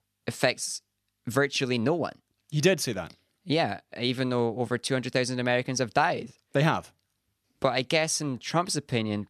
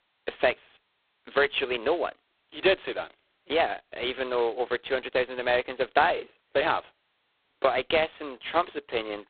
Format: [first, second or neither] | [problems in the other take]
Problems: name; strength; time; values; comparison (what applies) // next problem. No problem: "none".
first | phone-call audio; poor line; nothing above 4 kHz